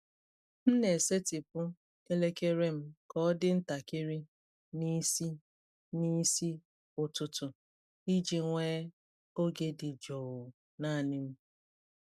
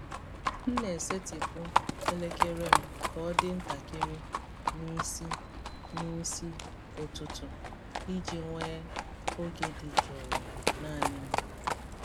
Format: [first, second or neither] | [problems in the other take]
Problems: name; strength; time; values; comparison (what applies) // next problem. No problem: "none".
first | background sound (Livestock, farm animals, working animals); 5 dB above the speech